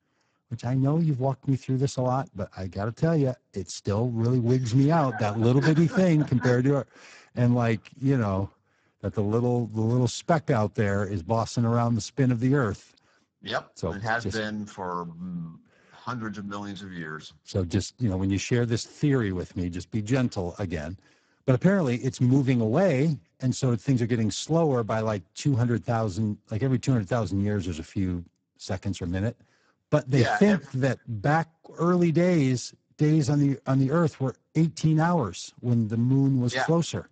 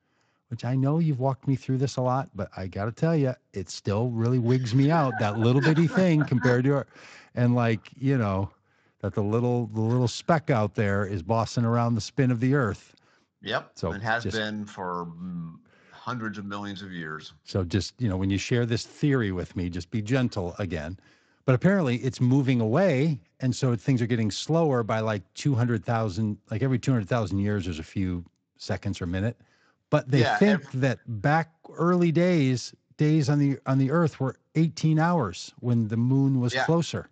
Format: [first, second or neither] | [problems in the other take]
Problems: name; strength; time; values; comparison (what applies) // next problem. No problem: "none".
second | garbled, watery; badly; nothing above 8 kHz; slightly in the second